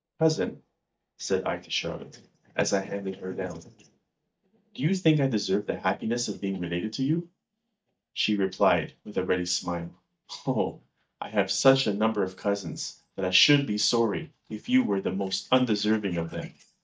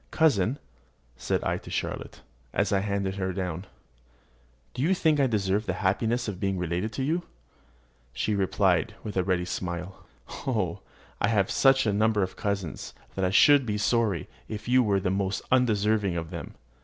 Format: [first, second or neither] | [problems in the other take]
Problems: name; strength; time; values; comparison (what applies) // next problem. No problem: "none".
second | noise reduction (neural mask model DeepFilterNet 3)